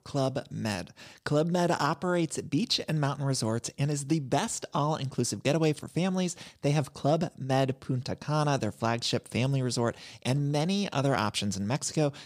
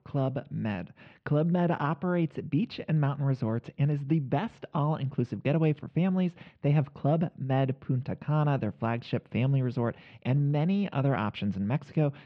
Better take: first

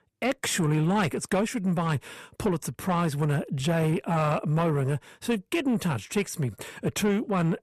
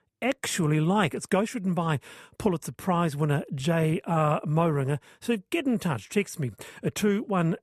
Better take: second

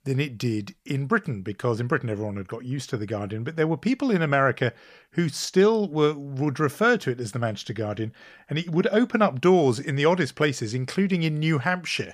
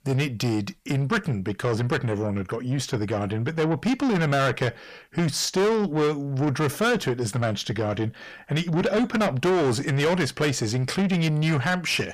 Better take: first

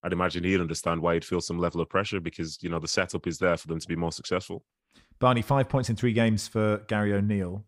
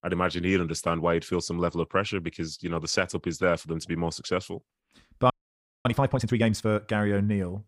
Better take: first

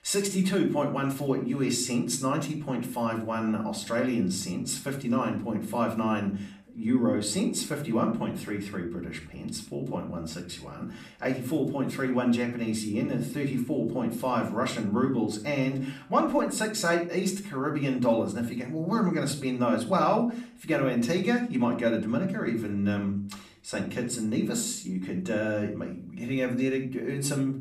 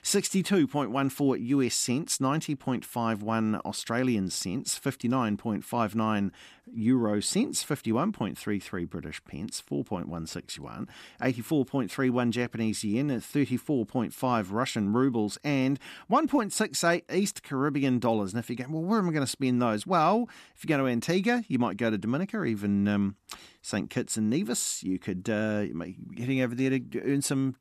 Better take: second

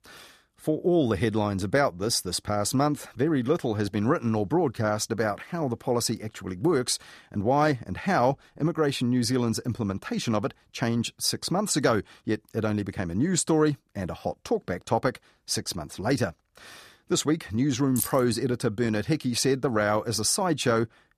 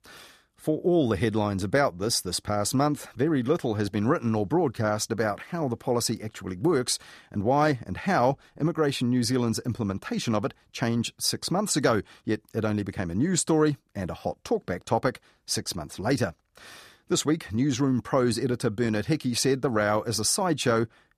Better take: second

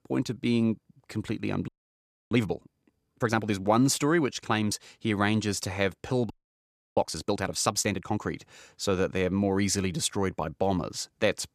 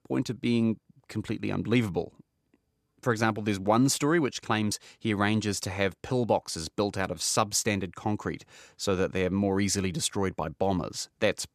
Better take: second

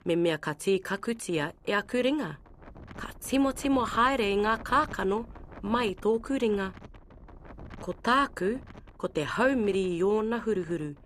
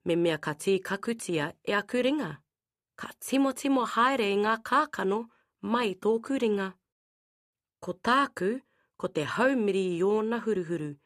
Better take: second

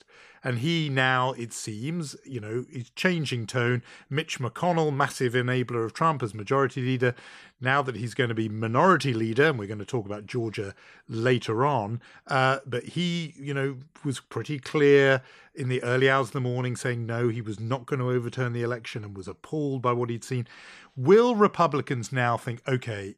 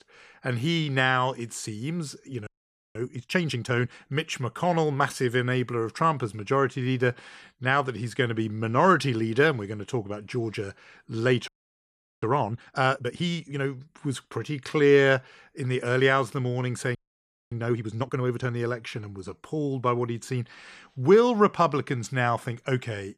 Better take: first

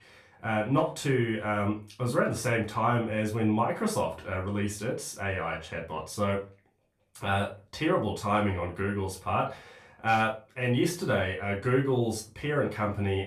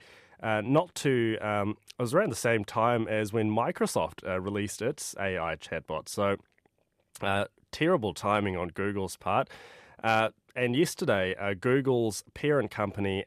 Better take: second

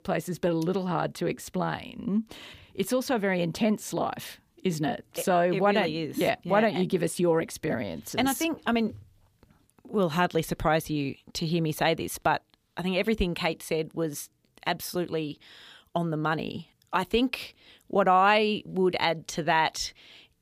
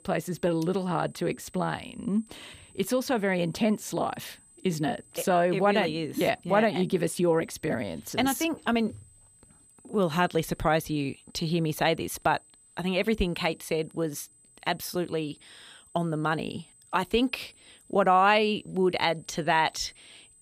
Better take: first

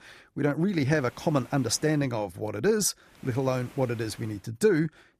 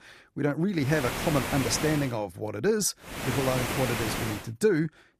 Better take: first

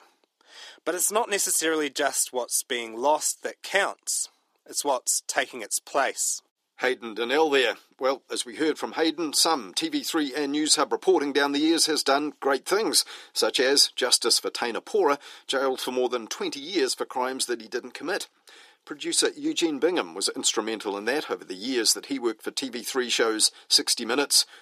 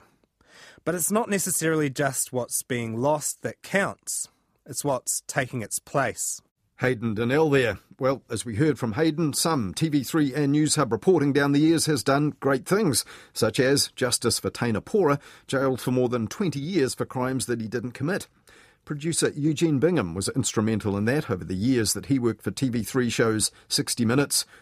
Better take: second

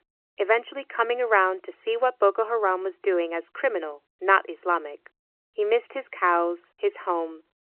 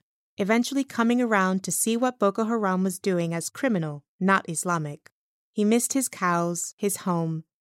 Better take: second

